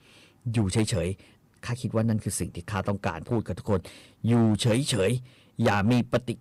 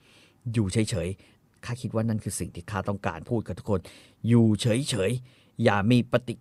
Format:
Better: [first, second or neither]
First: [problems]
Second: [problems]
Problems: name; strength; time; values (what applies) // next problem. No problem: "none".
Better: second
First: distortion; slight; 5% of the sound clipped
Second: none